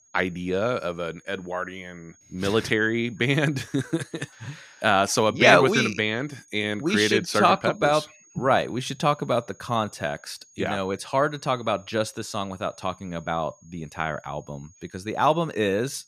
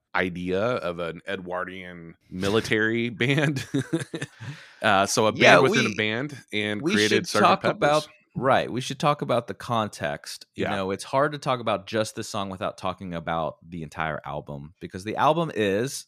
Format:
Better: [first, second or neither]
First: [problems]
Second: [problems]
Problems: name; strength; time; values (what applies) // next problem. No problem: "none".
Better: second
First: high-pitched whine; faint; throughout; 6.5 kHz, 30 dB below the speech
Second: none